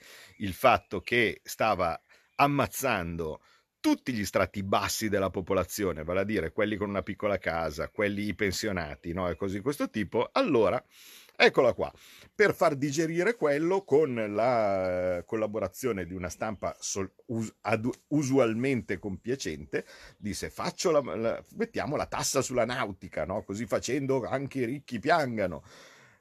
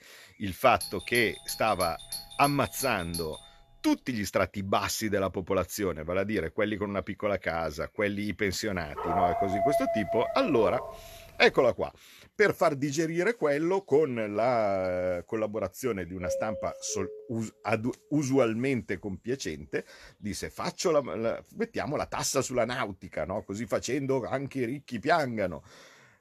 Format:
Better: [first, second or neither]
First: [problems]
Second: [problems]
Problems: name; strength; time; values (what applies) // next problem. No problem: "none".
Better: first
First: none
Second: doorbell; noticeable; from 1 to 3.5 s and from 16 to 17 s; peak 4 dB below the speech // dog barking; loud; from 9 to 11 s; peak 2 dB above the speech